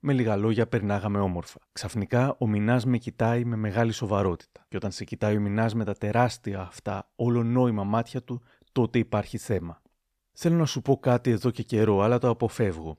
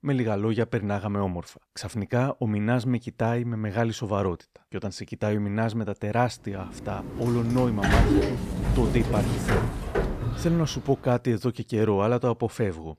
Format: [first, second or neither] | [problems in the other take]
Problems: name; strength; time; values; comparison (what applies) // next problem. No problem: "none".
first | door banging; loud; from 7 to 11 s; peak 6 dB above the speech